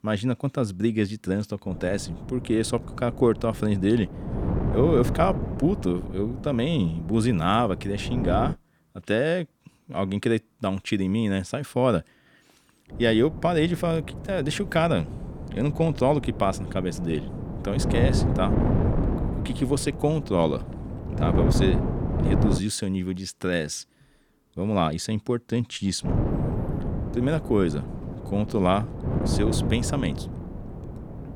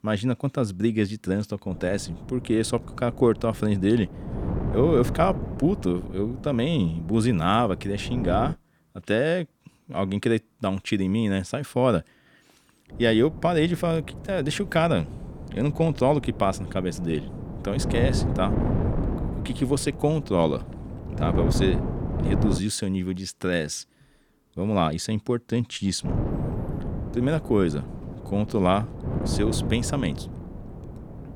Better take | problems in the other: second | wind noise on the microphone; heavy; from 1.5 to 8.5 s, from 13 to 23 s and from 26 s on; 8 dB below the speech; occasional gusts in the second

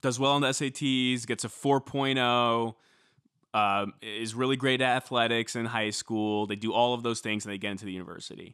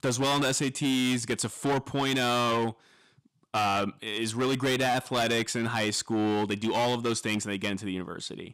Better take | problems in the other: first | distortion; heavy; 17% of the sound clipped

